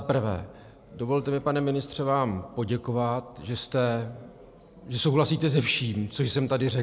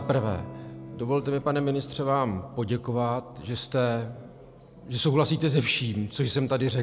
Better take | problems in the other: first | background sound (Electric guitar / Strum); 18 dB below the speech

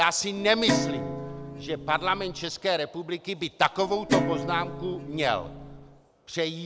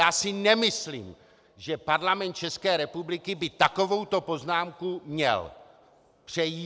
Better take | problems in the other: second | background sound (Guitar); 3 dB below the speech

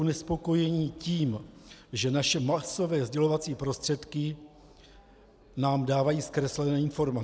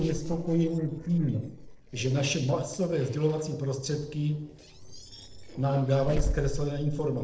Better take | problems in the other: first | noise reduction (neural separator model SepFormer DNS4)

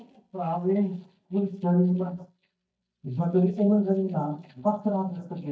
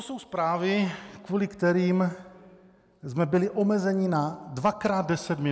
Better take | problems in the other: second | noise reduction (neural mask model DeepFilterNet 3)

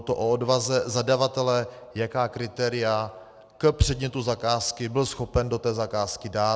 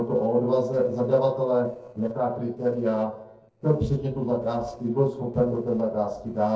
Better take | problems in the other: first | noise reduction (neural separator model SepFormer DNS4)

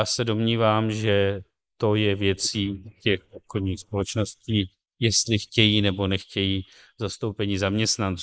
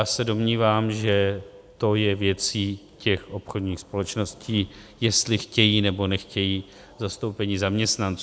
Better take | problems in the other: second | noise reduction (neural mask model Resemble Enhance denoiser)

